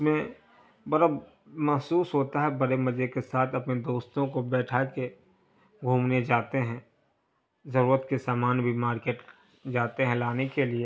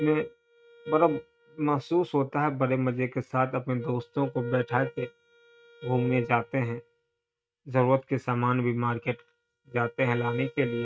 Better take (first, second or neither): first